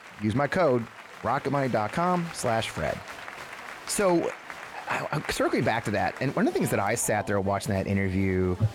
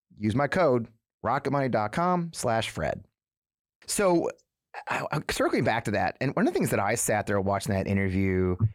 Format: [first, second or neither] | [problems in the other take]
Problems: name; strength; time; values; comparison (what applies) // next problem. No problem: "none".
second | crowd noise; noticeable; throughout; 15 dB below the speech